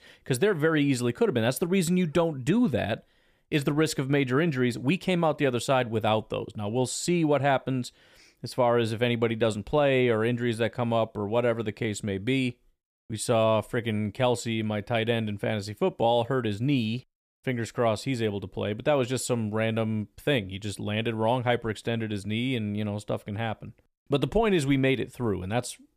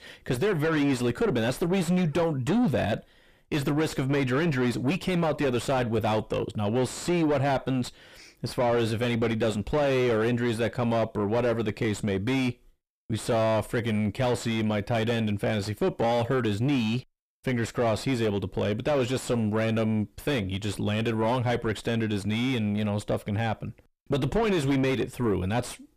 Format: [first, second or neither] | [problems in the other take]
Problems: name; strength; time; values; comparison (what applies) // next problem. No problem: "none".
first | distortion; heavy; 5 dB below the speech